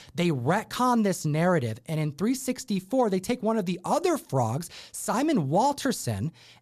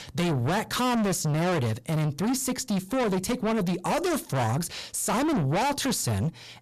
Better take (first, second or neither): first